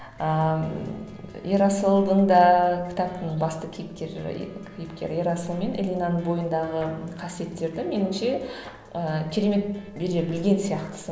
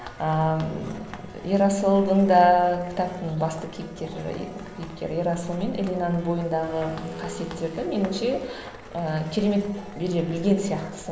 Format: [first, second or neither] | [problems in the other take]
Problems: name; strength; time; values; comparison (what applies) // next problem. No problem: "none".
first | background sound (Domestic sounds, home sounds + Run); 17 dB below the speech